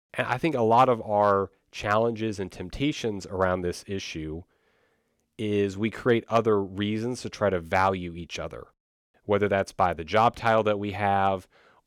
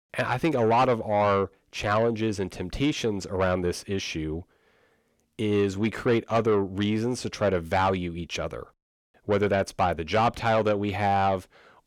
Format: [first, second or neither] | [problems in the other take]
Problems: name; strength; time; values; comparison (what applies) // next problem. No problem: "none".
first | distortion; slight; 10 dB below the speech